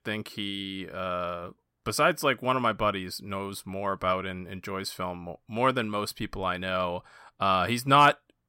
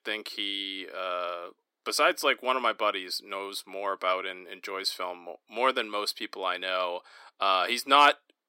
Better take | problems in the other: first | thin; somewhat; fading below 300 Hz

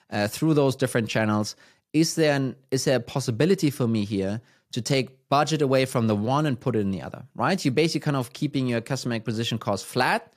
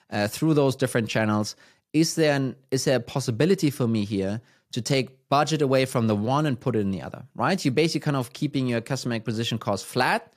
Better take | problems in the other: neither | none

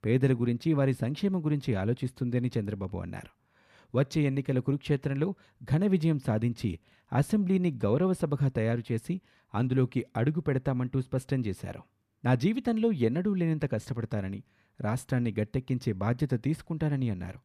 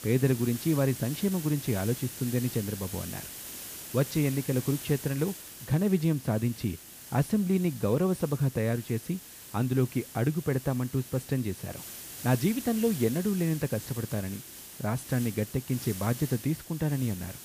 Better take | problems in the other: first | hiss; noticeable; throughout; 10 dB below the speech

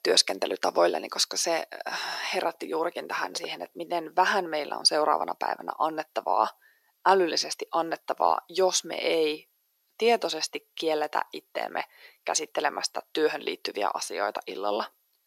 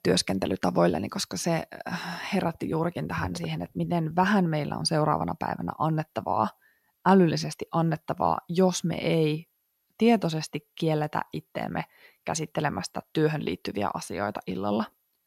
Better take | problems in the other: second | thin; very; fading below 350 Hz

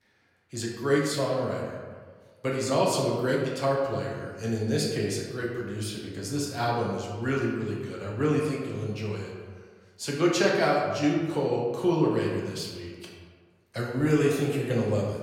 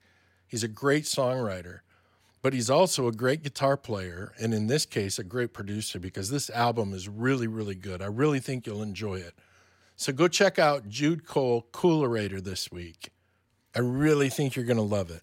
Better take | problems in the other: second | room echo; noticeable; dies away in 1.3 s // off-mic speech; somewhat distant

